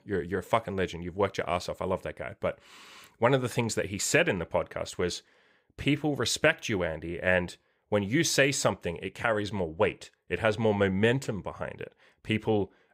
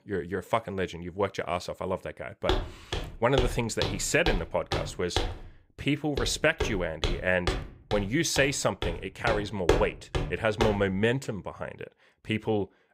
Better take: first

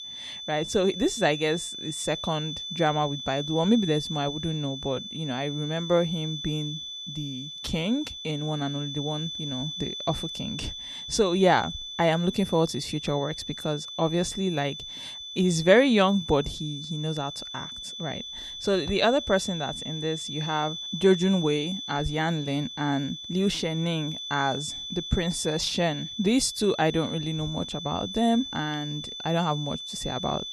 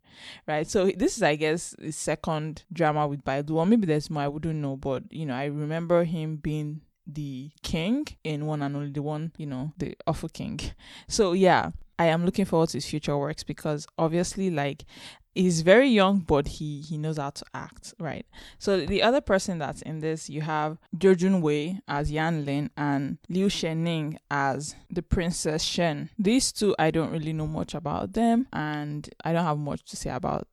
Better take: second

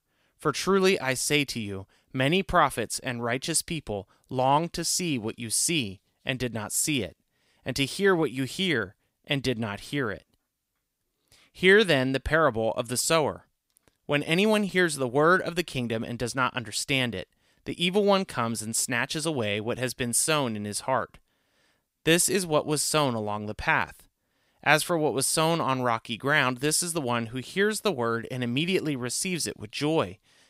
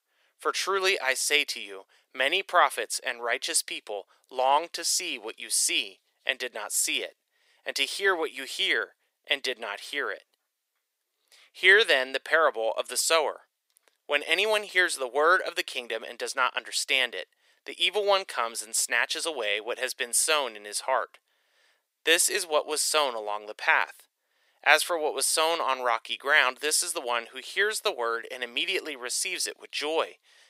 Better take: first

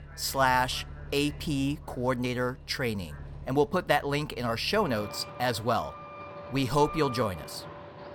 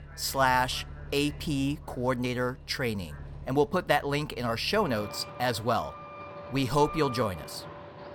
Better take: neither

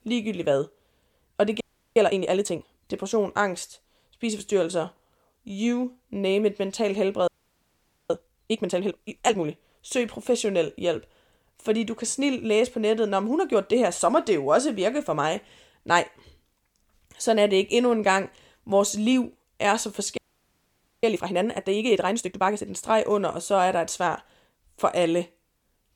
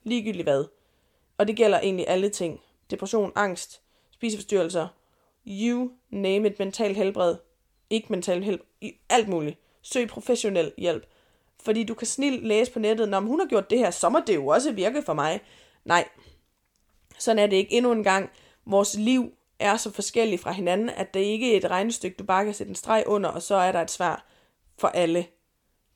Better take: second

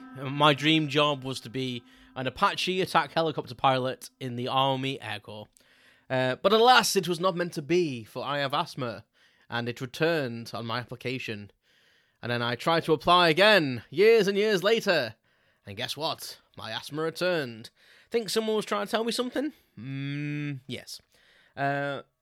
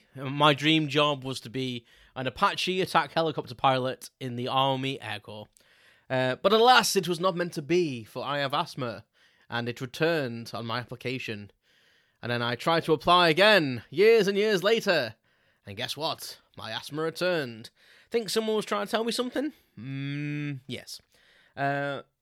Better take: second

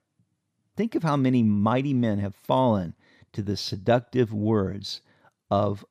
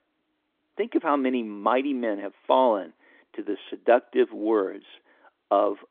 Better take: first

